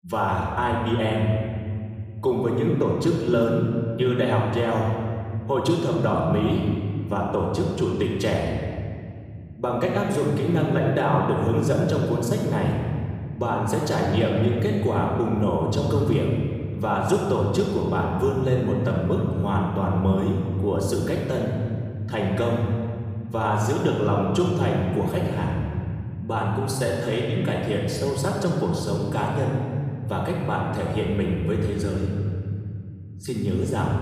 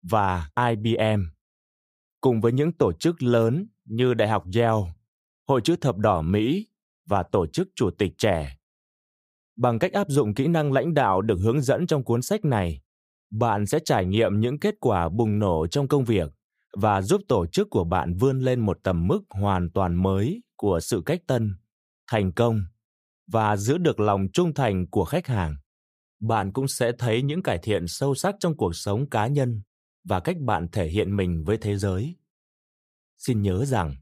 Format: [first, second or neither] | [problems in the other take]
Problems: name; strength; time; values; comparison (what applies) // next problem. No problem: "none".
second | room echo; noticeable; dies away in 2.4 s // off-mic speech; far